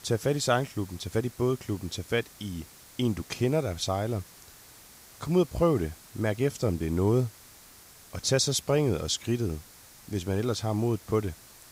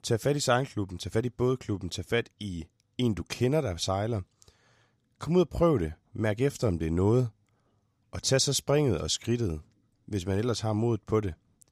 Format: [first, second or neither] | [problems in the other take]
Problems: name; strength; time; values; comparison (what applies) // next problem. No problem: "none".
second | hiss; faint; throughout; 20 dB below the speech